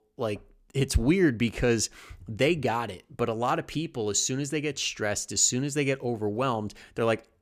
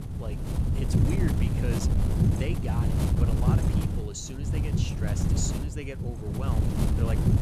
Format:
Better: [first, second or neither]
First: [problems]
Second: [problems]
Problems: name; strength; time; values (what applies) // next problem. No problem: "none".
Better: first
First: none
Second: wind noise on the microphone; heavy; 2 dB above the speech